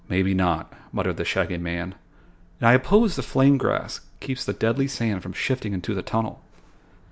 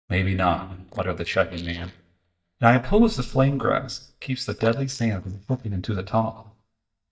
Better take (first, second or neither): first